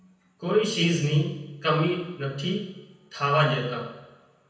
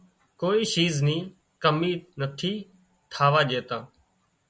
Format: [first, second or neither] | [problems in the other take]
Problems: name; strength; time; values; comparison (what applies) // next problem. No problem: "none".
second | room echo; dies away in 0.9 s